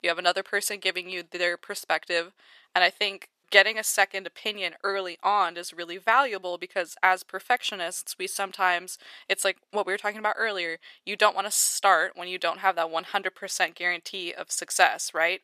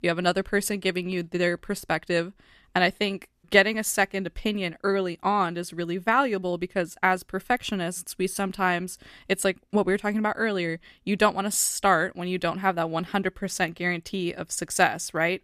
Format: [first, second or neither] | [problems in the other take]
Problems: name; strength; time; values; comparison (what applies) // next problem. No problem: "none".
second | thin; very; fading below 650 Hz